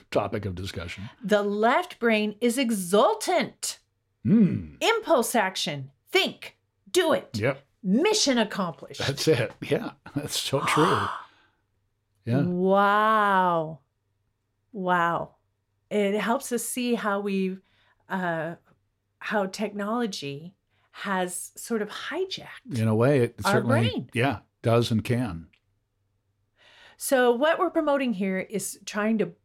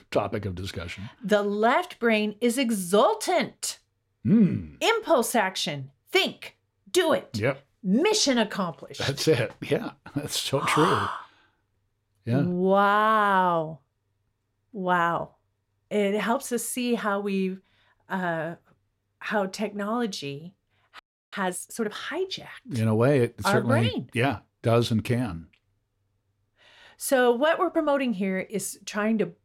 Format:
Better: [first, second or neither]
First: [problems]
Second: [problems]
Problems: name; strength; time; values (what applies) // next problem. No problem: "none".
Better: first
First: none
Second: audio freezing; at 21 s